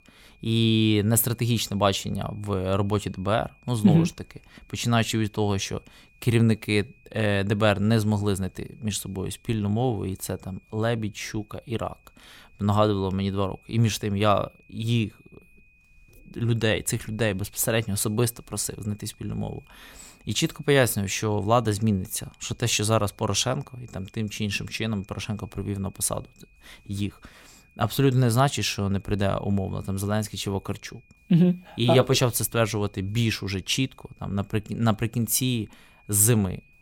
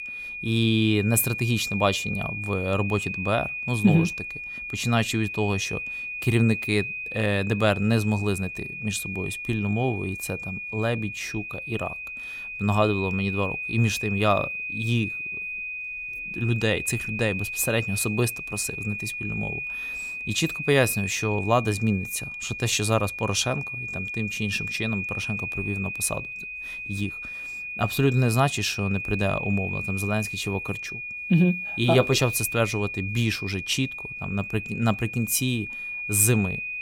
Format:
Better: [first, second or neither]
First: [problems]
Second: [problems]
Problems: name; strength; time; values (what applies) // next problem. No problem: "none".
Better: first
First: high-pitched whine; faint; throughout; 2.5 kHz, 35 dB below the speech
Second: high-pitched whine; loud; throughout; 2.5 kHz, 5 dB below the speech